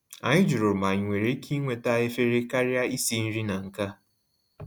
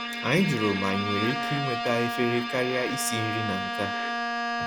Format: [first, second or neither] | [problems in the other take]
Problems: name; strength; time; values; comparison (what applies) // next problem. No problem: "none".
first | background sound (Bowed string instrument); 2 dB below the speech